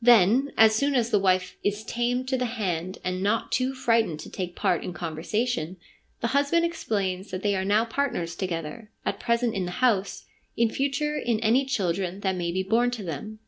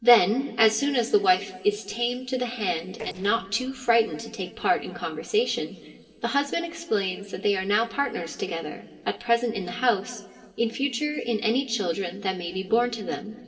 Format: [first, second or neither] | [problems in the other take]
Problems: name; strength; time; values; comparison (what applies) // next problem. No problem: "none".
first | noise reduction (neural separator model SepFormer DNS4)